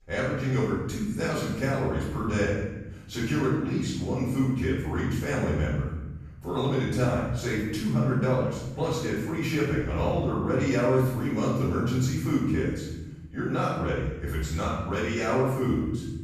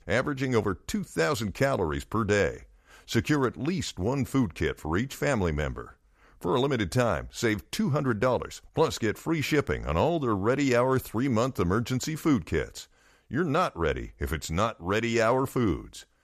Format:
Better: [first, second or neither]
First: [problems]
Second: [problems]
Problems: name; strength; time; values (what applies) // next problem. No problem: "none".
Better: second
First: off-mic speech; far // room echo; strong; dies away in 1.3 s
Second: none